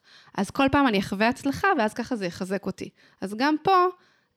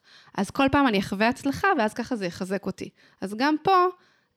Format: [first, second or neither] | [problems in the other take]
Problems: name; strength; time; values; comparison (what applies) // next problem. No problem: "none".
neither | none